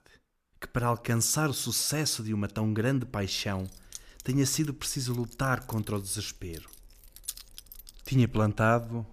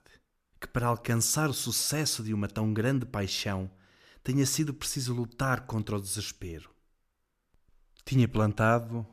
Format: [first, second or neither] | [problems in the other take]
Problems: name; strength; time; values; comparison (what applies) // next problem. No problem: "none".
second | jangling keys; faint; from 3.5 s on; peak 10 dB below the speech